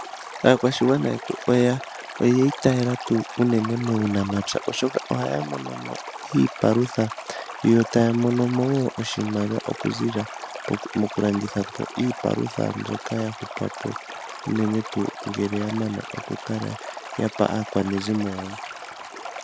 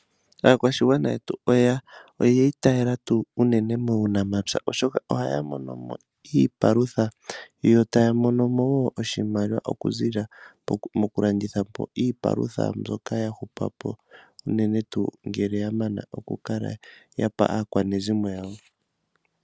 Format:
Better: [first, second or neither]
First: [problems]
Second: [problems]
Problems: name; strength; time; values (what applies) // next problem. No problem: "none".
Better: second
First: background sound (Stream); 12 dB below the speech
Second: none